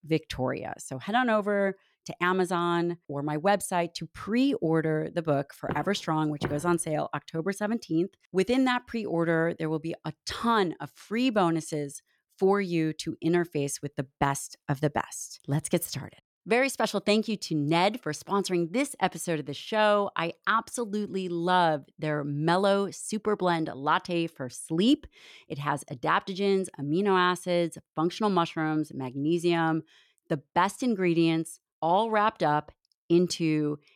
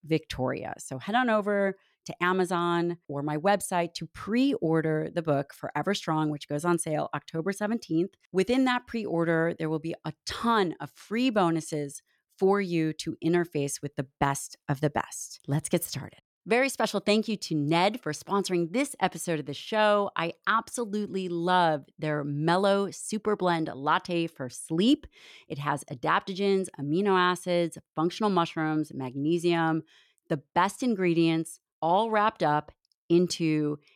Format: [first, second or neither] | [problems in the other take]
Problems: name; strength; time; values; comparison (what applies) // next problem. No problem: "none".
second | footsteps; noticeable; at 5.5 s; peak 8 dB below the speech